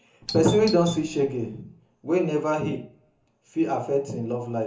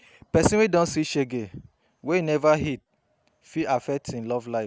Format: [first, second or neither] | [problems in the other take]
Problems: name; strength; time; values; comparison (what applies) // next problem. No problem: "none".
second | background sound (Doorbell); 14 dB below the speech // room echo; dies away in 0.6 s